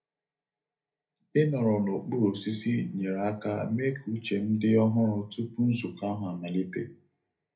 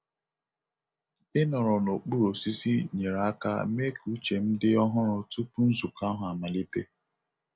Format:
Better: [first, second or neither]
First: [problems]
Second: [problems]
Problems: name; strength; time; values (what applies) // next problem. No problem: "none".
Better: second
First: room echo; dies away in 0.3 s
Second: none